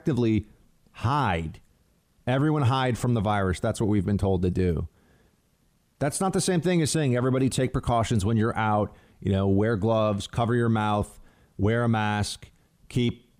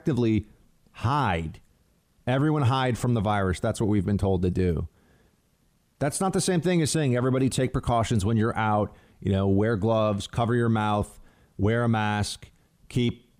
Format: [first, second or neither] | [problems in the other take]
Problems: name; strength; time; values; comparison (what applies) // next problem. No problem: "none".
neither | none